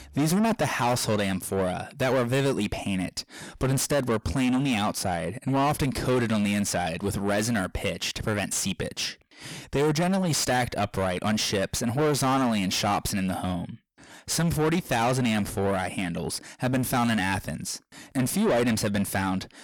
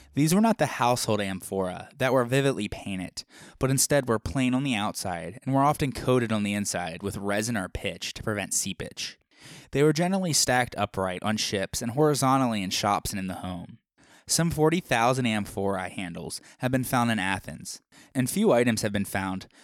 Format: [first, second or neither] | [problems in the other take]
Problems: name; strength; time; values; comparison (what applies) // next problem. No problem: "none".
second | distortion; heavy; 7 dB below the speech